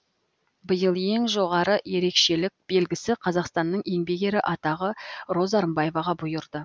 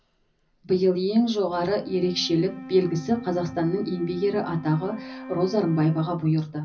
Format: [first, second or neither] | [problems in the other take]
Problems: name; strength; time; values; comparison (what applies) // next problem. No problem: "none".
first | background sound (Wind instrument, woodwind instrument); 16 dB below the speech // room echo; dies away in 0.4 s